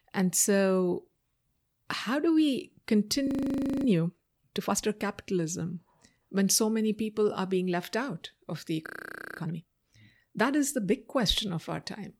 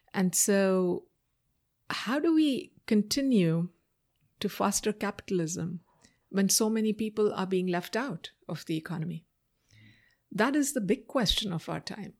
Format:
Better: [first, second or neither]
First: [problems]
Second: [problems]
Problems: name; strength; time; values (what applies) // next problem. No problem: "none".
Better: second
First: audio freezing; at 3.5 s for 0.5 s and at 9 s for 0.5 s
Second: none